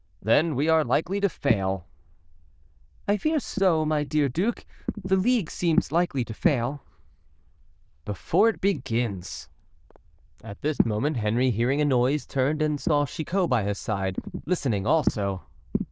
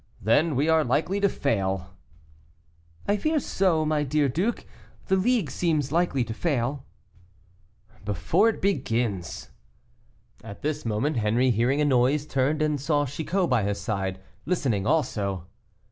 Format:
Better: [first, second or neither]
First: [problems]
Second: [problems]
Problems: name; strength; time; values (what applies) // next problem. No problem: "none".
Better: second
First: noise reduction (neural diffusion model UNIVERSE++)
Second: none